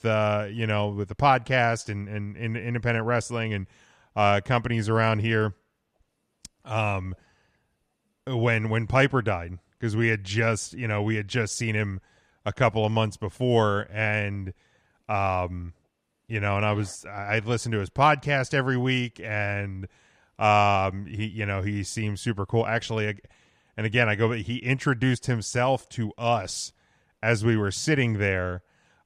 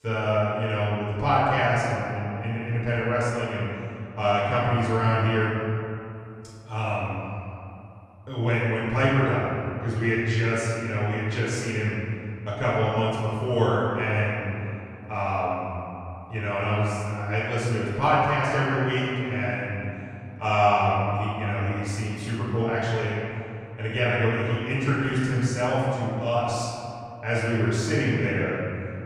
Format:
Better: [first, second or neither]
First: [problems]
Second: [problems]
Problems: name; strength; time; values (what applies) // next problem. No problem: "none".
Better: first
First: none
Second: room echo; strong; dies away in 2.5 s // off-mic speech; far